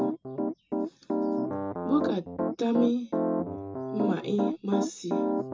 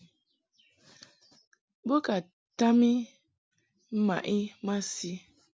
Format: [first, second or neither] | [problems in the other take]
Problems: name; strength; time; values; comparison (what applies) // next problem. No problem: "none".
second | background sound (Piano); 1 dB above the speech // room echo; dies away in 0.2 s